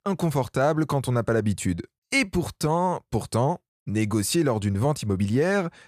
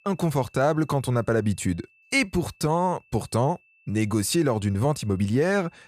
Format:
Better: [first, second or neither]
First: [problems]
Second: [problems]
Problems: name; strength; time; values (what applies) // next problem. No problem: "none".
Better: first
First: none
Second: high-pitched whine; faint; throughout; 2.5 kHz, 35 dB below the speech